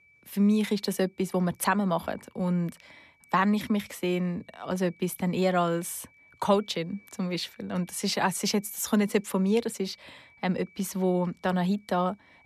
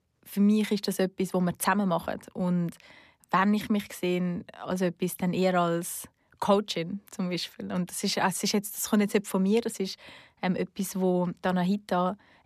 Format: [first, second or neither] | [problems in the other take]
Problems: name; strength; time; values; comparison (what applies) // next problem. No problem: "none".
second | high-pitched whine; faint; throughout; 2.5 kHz, 30 dB below the speech